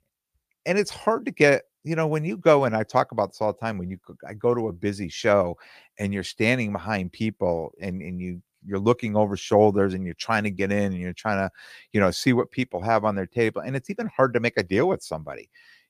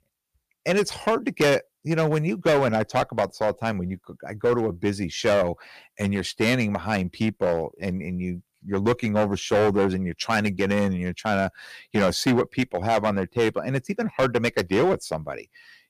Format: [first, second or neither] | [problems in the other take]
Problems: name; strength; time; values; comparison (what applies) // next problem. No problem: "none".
first | distortion; heavy; 6% of the sound clipped